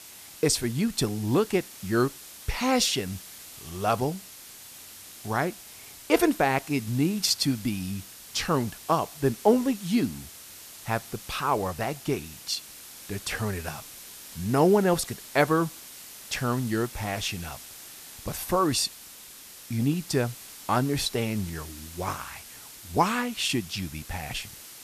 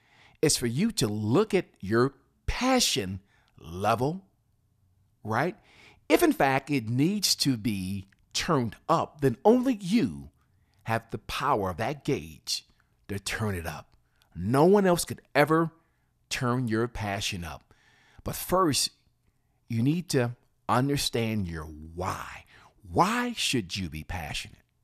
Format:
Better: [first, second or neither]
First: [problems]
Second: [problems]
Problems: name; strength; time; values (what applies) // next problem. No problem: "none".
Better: second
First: hiss; noticeable; throughout; 15 dB below the speech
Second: none